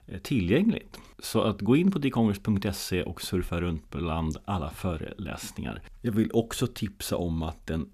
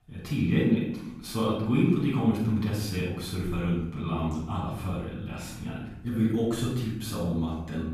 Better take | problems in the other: first | off-mic speech; far // room echo; noticeable; dies away in 0.8 s

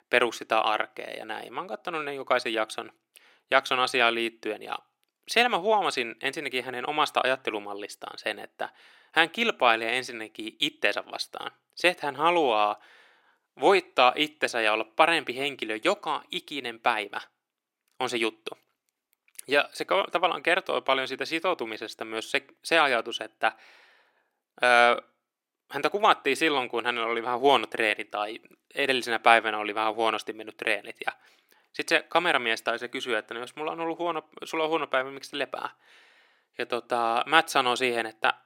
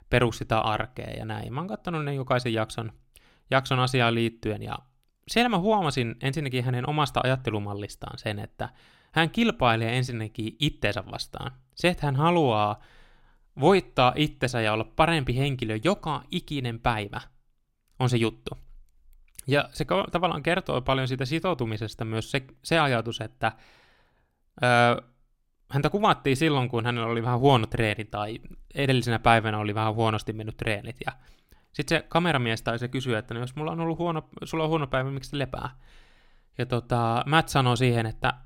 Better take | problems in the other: second | thin; very; fading below 350 Hz

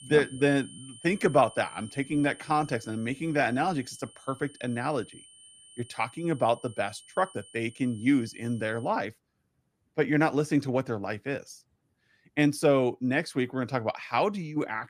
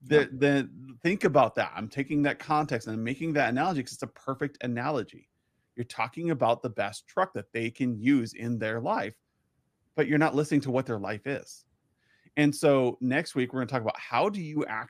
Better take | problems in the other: second | high-pitched whine; faint; until 9 s; 3 kHz, 20 dB below the speech

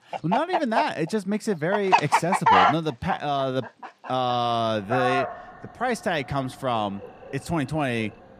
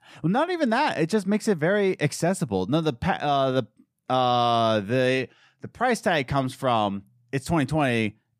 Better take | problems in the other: second | animal sounds; very loud; throughout; 3 dB above the speech

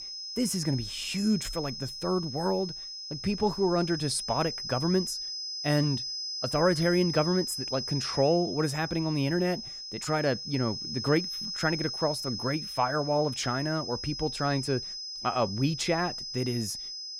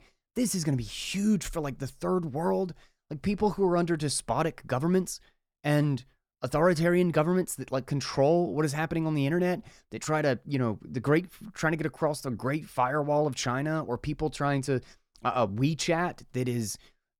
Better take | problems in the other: second | high-pitched whine; loud; throughout; 5 kHz, 5 dB below the speech

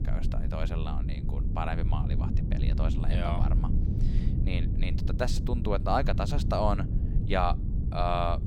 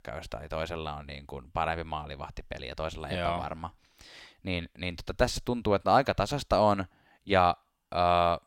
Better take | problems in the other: second | low rumble; noticeable; throughout; 10 dB below the speech

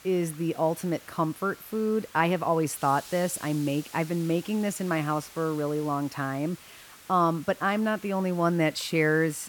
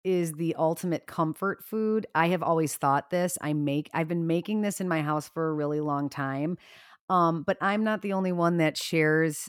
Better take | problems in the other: second | hiss; noticeable; throughout; 20 dB below the speech

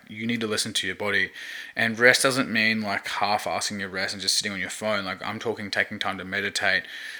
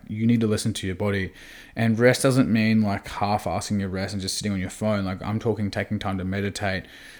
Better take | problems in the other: second | thin; somewhat; fading below 700 Hz

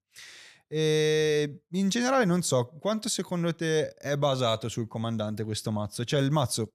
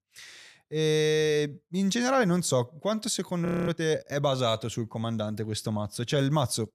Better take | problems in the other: first | audio freezing; at 3.5 s

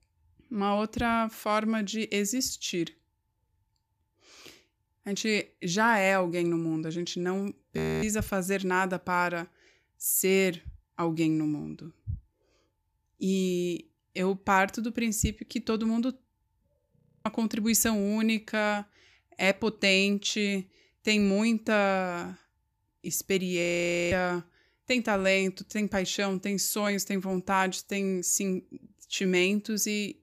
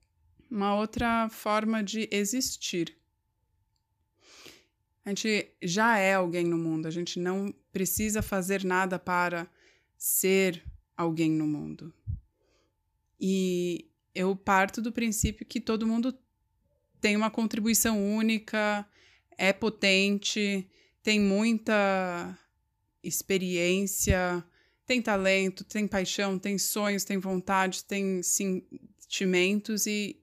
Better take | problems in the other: second | audio freezing; at 8 s, at 17 s and at 24 s

